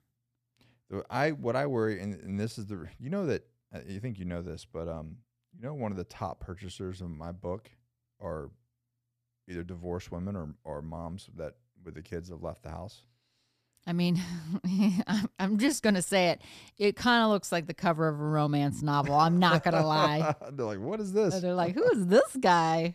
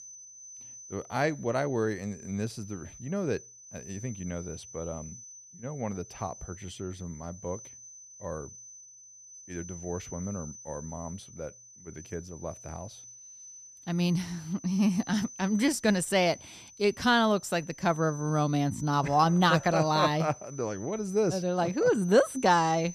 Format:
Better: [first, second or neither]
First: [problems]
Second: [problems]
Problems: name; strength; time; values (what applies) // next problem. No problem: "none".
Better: first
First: none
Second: high-pitched whine; noticeable; throughout; 6 kHz, 15 dB below the speech